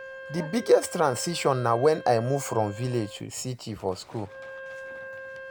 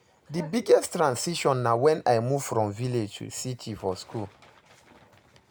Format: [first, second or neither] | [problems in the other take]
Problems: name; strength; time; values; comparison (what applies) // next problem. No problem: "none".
second | background sound (Wind instrument, woodwind instrument); 15 dB below the speech